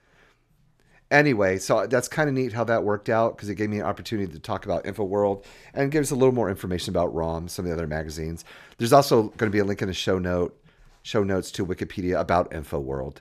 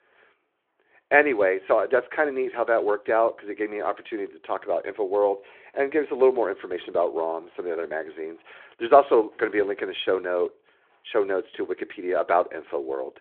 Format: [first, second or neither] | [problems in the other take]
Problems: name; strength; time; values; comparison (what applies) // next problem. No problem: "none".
first | phone-call audio